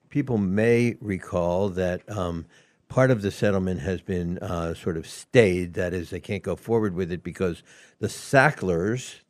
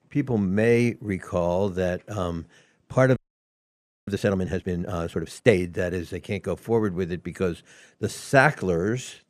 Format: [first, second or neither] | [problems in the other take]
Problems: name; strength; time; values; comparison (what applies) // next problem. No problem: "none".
first | audio freezing; at 3 s for 1 s